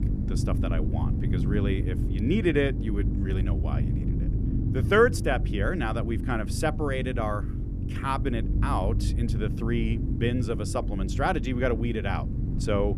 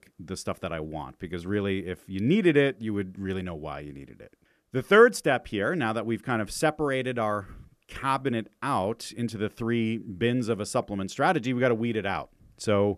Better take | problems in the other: second | low rumble; noticeable; throughout; 10 dB below the speech

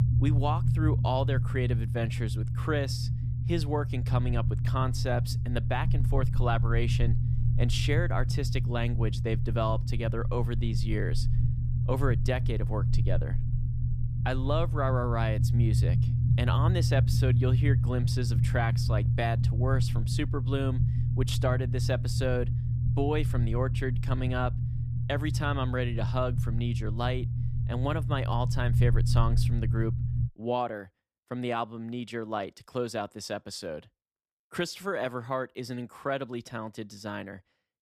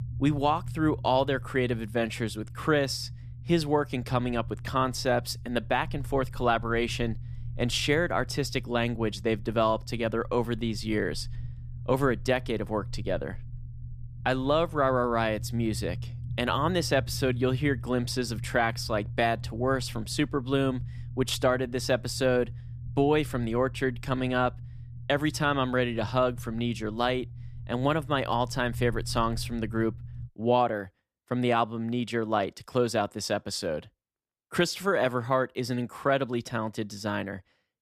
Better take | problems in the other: second | low rumble; loud; until 30 s; 7 dB below the speech; faint in the second

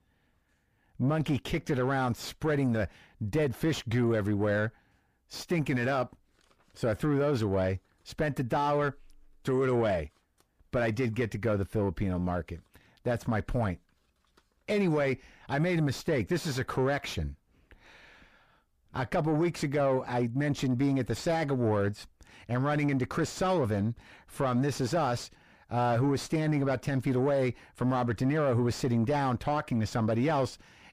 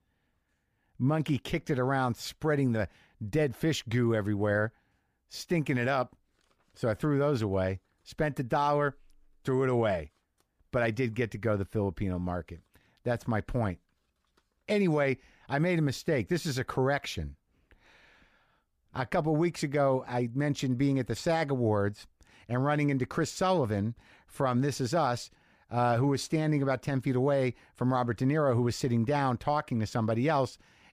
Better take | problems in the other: second | distortion; slight; 10 dB below the speech

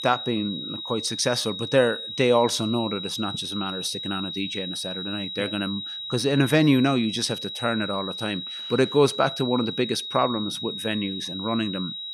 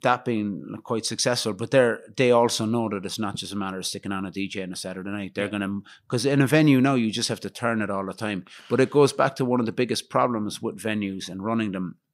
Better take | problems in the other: second | high-pitched whine; loud; throughout; 4 kHz, 6 dB below the speech

